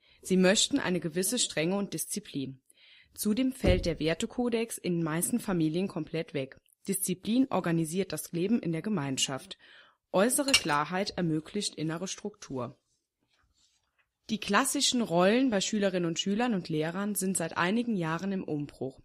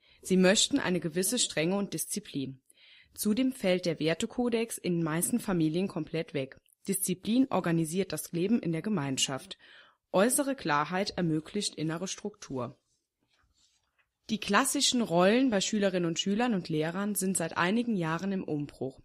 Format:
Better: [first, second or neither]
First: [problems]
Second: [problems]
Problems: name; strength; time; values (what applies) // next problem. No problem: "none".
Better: second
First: door banging; noticeable; at 3.5 s; peak 2 dB below the speech // clattering dishes; loud; at 10 s; peak 4 dB above the speech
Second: none